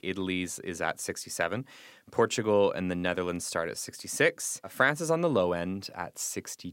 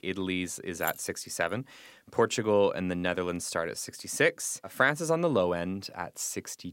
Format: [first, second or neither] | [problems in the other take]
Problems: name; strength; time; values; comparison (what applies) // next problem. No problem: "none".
first | jangling keys; noticeable; at 1 s; peak 9 dB below the speech